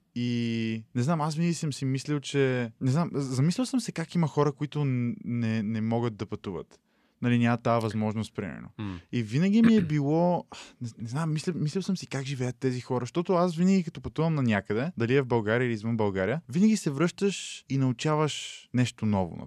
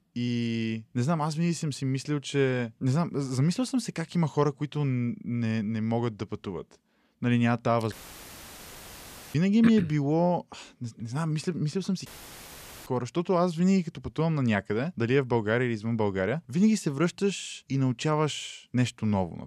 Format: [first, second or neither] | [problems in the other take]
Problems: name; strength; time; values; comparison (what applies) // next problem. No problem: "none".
first | audio cutting out; filled with static; at 8 s for 1.5 s and at 12 s for 1 s